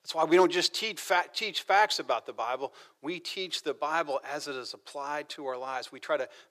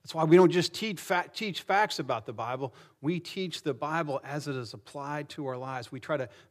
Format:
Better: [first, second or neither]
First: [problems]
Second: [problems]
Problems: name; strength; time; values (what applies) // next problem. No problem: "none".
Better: second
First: thin; very; fading below 500 Hz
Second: none